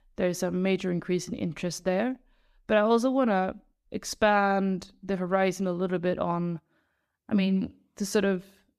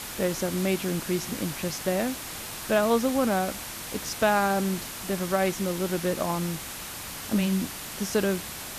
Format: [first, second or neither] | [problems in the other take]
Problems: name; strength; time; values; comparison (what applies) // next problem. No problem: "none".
first | hiss; loud; throughout; 7 dB below the speech